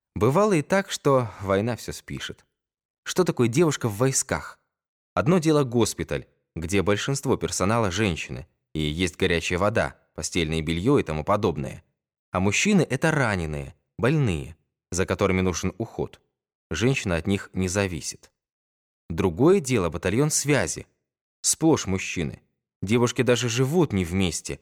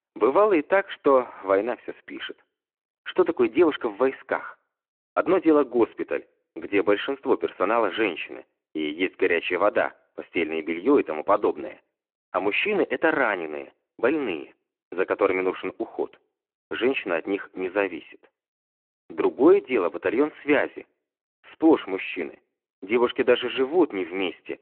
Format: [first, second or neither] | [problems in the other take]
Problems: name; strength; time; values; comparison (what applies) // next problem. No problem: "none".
first | phone-call audio